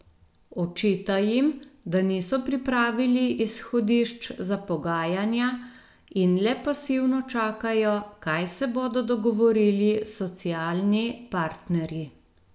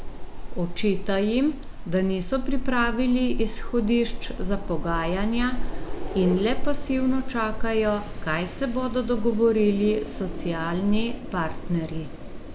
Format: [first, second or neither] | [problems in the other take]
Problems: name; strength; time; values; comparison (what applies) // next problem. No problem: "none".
first | background sound (Wind); 2 dB below the speech